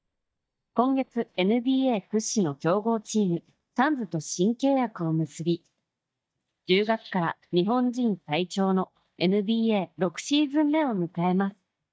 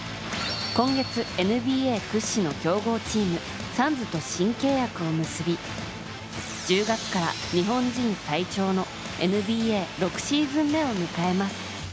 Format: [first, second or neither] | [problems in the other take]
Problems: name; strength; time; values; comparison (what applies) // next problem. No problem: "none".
second | noise reduction (neural mask model DeepFilterNet 3)